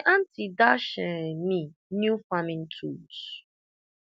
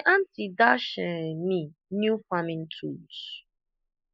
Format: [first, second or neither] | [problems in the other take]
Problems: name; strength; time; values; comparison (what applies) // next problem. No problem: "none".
first | noise reduction (neural mask model Resemble Enhance denoiser)